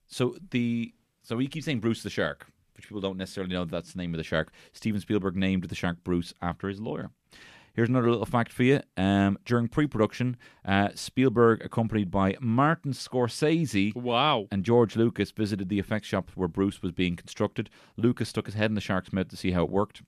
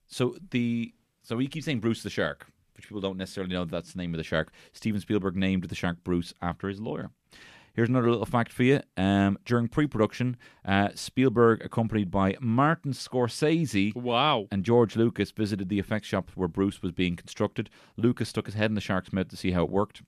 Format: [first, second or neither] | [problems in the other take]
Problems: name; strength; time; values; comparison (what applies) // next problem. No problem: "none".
neither | none